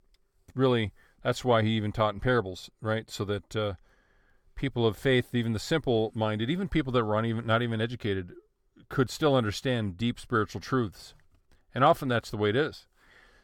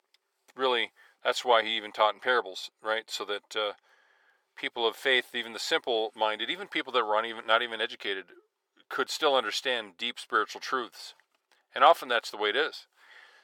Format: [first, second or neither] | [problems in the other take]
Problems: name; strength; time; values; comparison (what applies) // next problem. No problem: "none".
first | thin; very; fading below 450 Hz